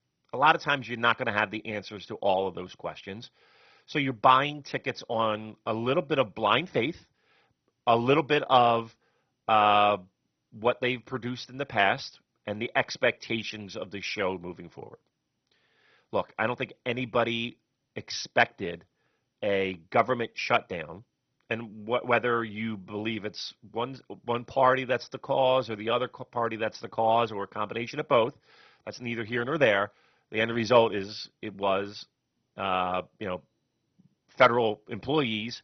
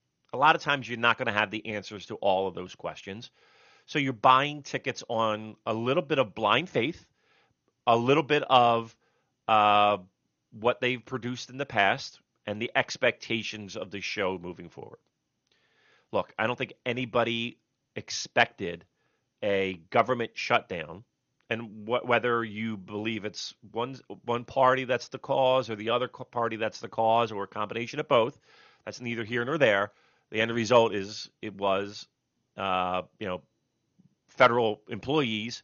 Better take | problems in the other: second | garbled, watery; badly; nothing above 6 kHz; slightly in the second

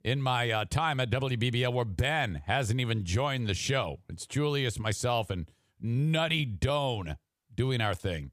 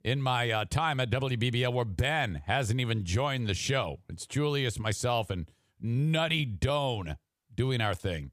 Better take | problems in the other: neither | none

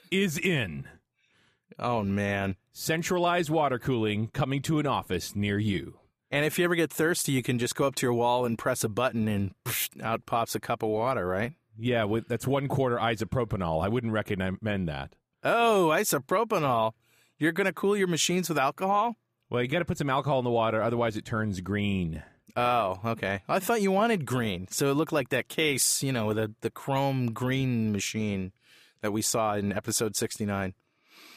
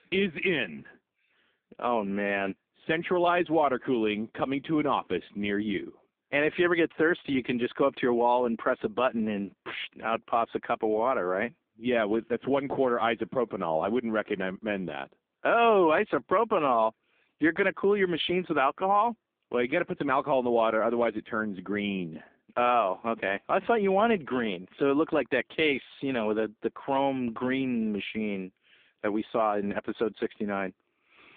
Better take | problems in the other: first | phone-call audio; poor line; nothing above 3.5 kHz

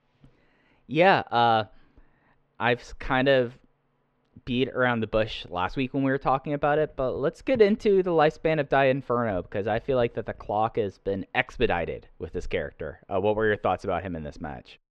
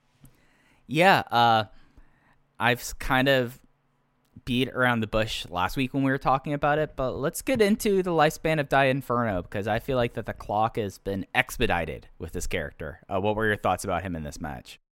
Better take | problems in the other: second | muffled; slightly; fading above 4 kHz

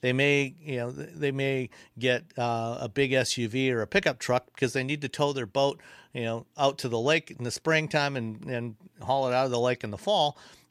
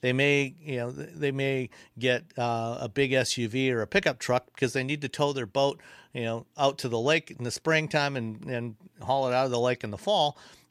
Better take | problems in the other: neither | none

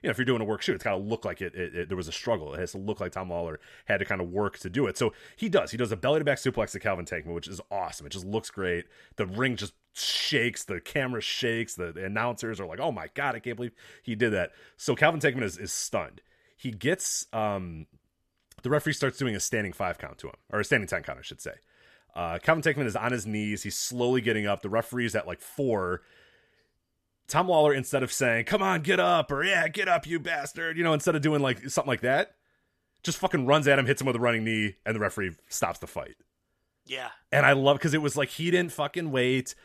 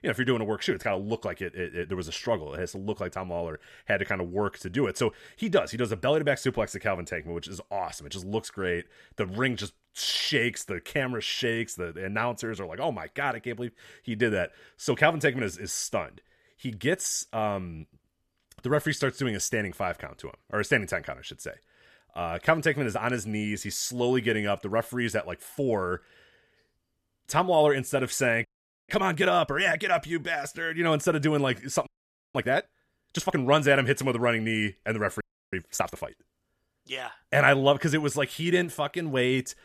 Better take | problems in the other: first | audio freezing; at 28 s, at 32 s and at 35 s

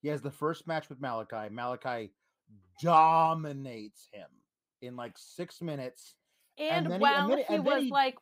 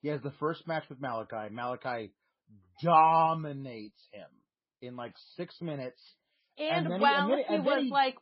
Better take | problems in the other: first | garbled, watery; badly; nothing above 4.5 kHz

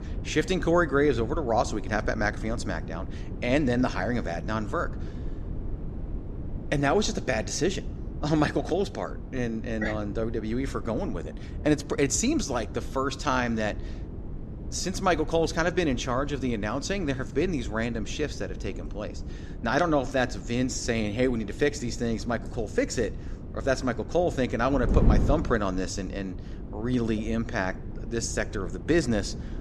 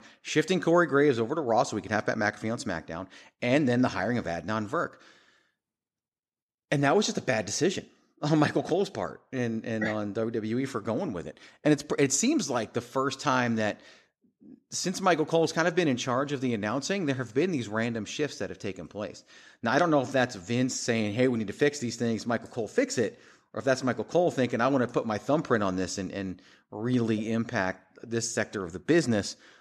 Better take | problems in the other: second | wind noise on the microphone; occasional gusts; 15 dB below the speech

